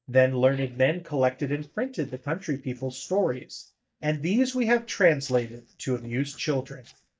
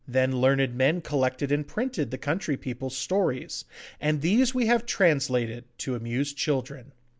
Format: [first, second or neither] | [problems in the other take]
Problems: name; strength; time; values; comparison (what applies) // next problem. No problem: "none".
second | noise reduction (neural mask model DeepFilterNet 3)